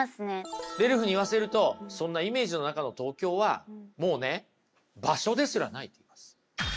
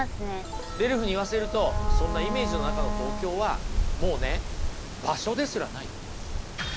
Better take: first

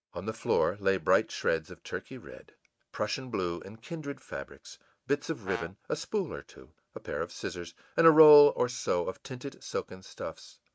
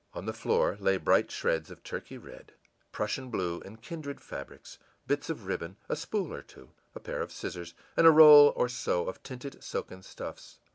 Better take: second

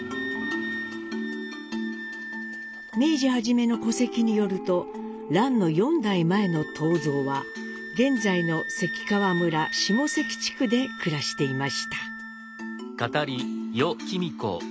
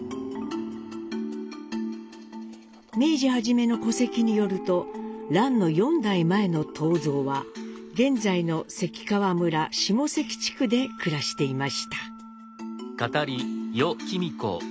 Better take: second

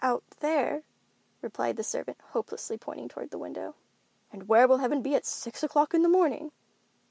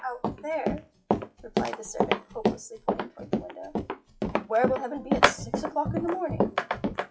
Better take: first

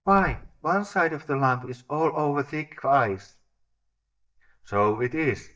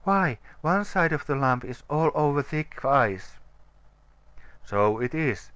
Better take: second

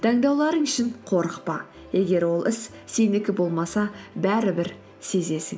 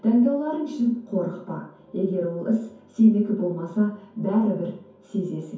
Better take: first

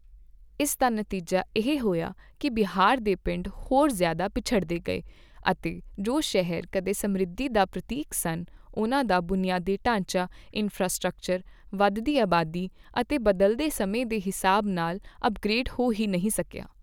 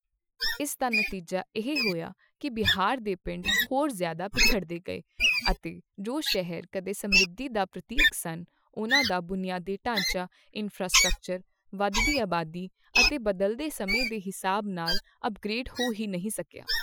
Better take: first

